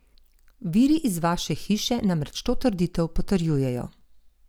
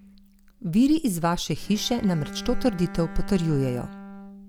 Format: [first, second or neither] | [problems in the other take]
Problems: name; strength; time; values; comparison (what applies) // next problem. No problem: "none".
first | background sound (Bowed string instrument); 16 dB below the speech